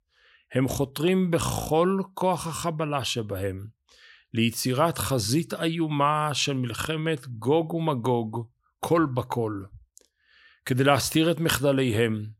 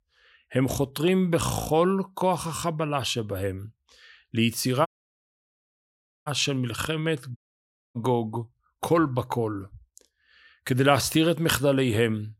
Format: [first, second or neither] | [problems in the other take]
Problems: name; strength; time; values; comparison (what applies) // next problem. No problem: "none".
first | audio cutting out; at 5 s for 1.5 s and at 7.5 s for 0.5 s